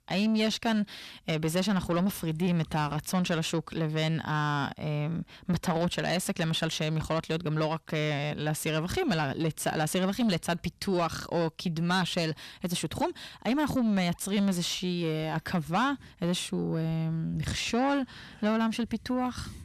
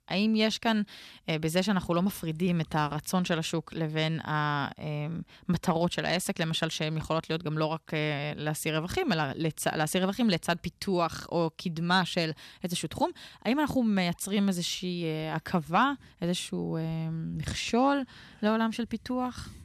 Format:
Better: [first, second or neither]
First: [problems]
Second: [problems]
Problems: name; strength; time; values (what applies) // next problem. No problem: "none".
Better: second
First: distortion; slight; 10 dB below the speech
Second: none